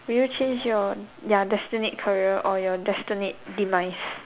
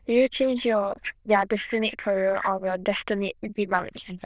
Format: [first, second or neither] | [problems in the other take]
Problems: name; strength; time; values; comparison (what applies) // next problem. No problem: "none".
first | noise reduction (neural diffusion model UNIVERSE++)